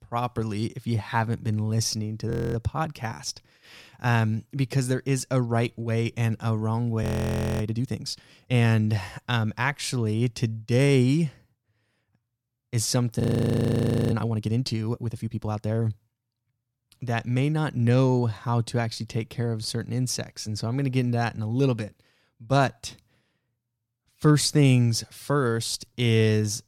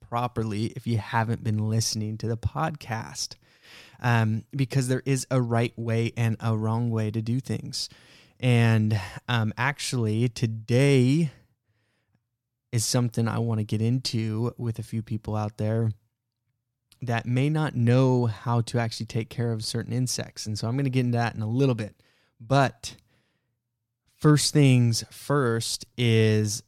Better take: second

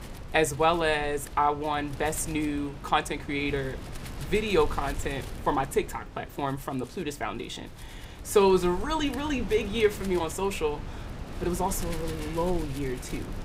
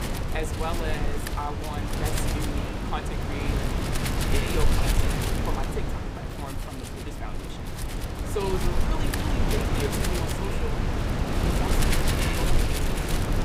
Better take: first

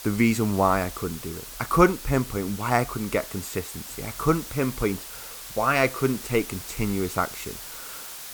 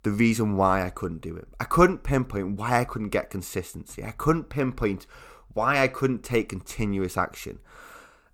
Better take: second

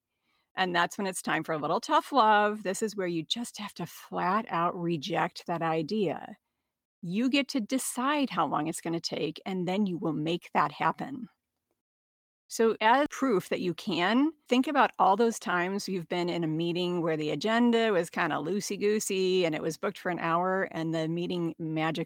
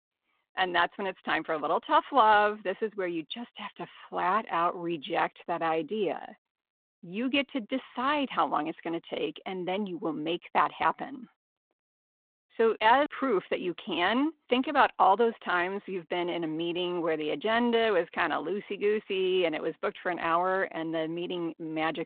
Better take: first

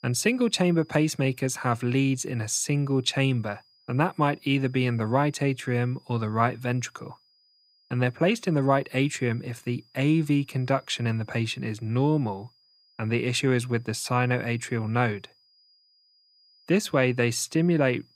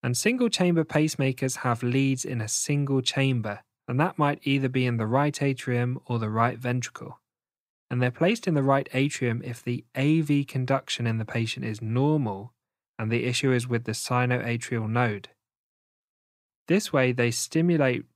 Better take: second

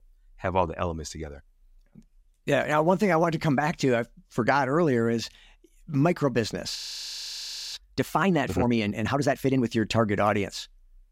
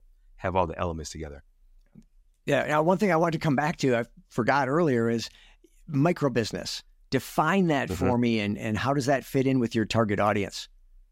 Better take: second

